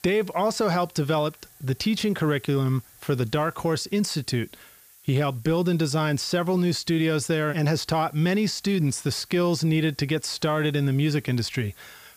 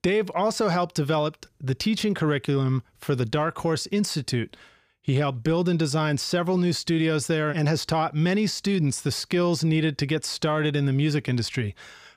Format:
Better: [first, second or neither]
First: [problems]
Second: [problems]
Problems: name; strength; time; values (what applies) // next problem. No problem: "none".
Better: second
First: hiss; faint; throughout; 25 dB below the speech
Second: none